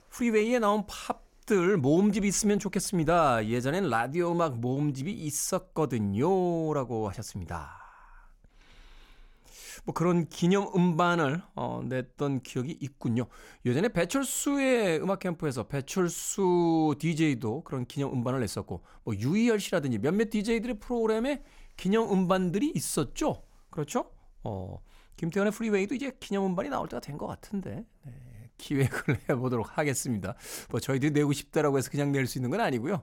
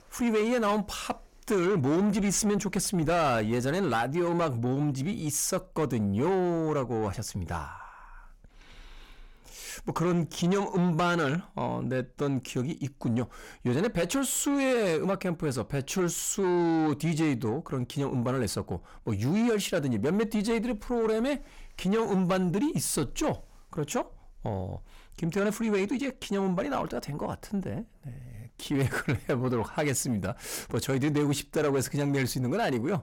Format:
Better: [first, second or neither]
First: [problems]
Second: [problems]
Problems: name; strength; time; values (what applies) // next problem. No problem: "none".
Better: first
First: none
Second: distortion; slight; 10 dB below the speech